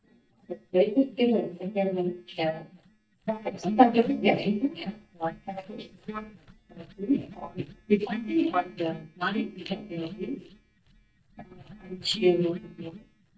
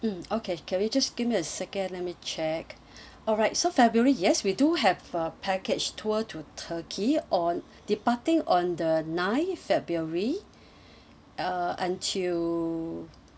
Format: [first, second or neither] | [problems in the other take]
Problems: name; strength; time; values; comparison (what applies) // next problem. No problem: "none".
second | noise reduction (neural mask model DeepFilterNet 3)